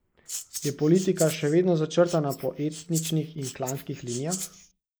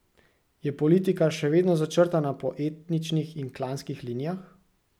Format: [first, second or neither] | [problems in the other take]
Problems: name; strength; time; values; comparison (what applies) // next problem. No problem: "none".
second | noise reduction (neural mask model Resemble Enhance denoiser)